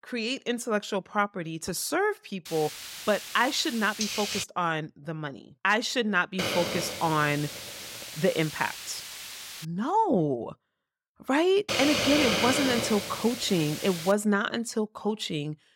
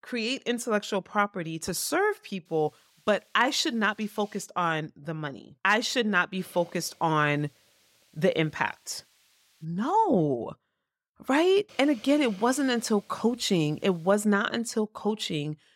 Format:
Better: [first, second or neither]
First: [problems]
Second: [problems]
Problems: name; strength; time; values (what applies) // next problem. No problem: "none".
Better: second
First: hiss; loud; from 2.5 to 4.5 s, from 6.5 to 9.5 s and from 12 to 14 s; 4 dB below the speech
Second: hiss; faint; from 2.5 to 4.5 s, from 6.5 to 9.5 s and from 12 to 14 s; 30 dB below the speech